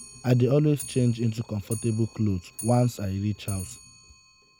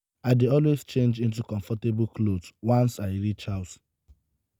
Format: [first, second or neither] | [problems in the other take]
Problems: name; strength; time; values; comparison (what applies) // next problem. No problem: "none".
second | background sound (Clock); 18 dB below the speech